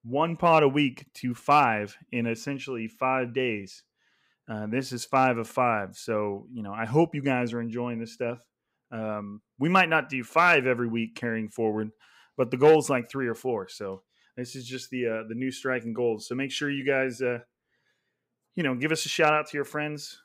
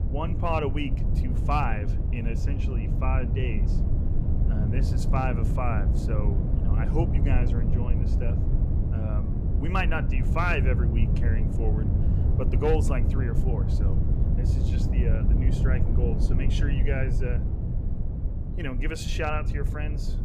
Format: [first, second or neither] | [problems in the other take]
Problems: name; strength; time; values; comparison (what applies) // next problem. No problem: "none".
first | wind noise on the microphone; heavy; 6 dB below the speech